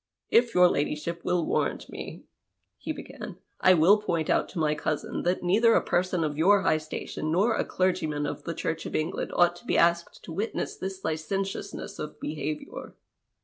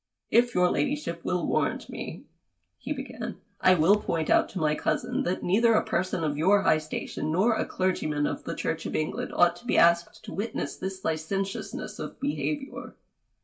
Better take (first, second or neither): first